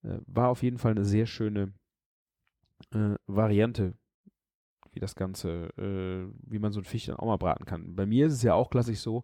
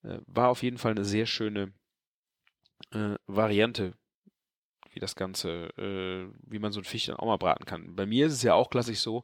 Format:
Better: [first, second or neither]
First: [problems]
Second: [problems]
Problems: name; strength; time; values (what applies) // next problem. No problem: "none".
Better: first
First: none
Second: thin; very slightly; fading below 400 Hz